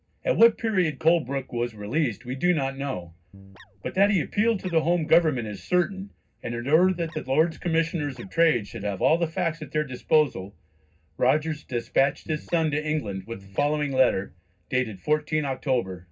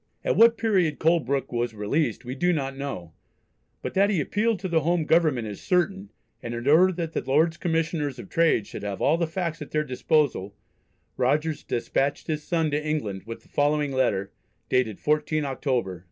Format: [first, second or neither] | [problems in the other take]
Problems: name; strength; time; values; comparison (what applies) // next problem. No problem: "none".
second | background sound (Guitar); 20 dB below the speech // room echo; dies away in 0.4 s